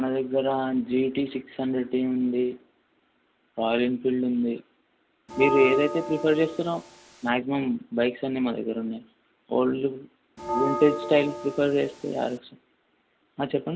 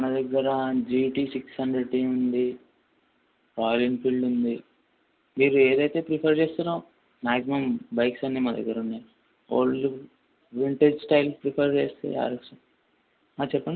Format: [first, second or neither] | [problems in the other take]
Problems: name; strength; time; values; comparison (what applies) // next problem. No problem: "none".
second | background sound (Bell); 6 dB below the speech